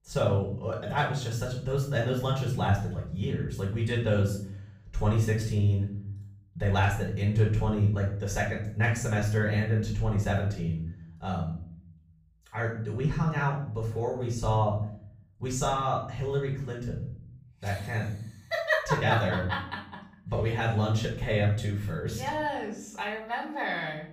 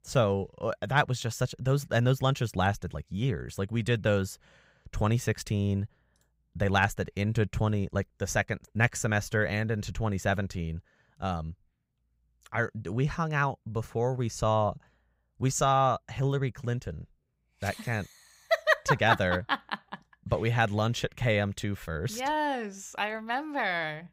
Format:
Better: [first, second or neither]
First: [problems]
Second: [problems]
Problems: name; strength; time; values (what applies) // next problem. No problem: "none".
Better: second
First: off-mic speech; far // room echo; noticeable; dies away in 0.6 s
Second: none